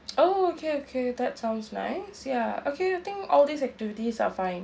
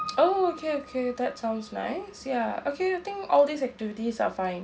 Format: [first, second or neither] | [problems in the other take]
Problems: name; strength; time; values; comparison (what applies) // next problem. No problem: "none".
first | background sound (Piano); 18 dB below the speech